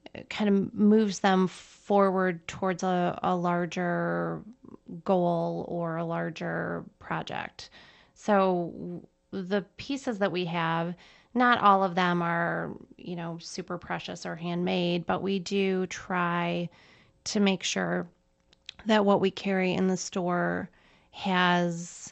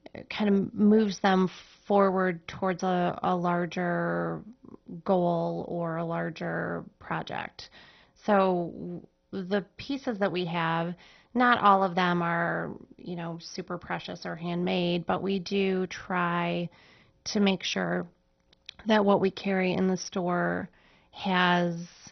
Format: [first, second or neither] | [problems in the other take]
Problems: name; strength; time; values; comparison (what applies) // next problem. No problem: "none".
first | garbled, watery; badly; nothing above 6 kHz; slightly in the first